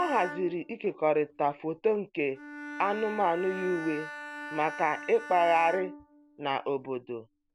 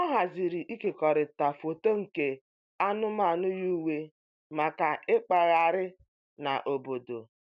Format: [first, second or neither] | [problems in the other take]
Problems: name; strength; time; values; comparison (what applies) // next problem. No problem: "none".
second | background sound (Bowed string instrument); 13 dB below the speech